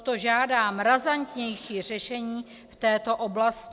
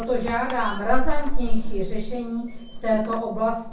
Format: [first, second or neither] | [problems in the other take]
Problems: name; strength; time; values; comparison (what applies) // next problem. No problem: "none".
first | background sound (Squeak); 5 dB above the speech // room echo; dies away in 0.6 s